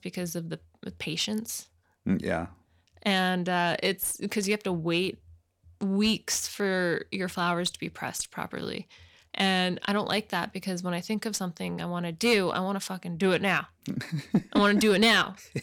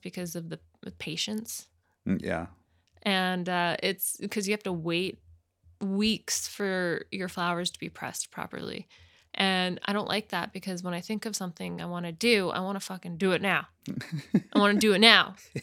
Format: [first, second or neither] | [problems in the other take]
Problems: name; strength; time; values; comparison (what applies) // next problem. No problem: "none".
second | distortion; slight; 10 dB below the speech